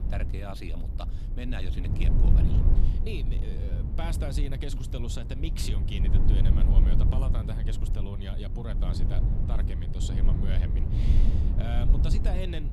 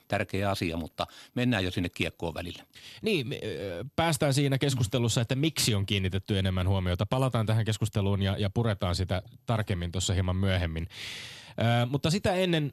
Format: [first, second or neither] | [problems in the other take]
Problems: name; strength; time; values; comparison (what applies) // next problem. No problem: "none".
second | low rumble; loud; throughout; 2 dB below the speech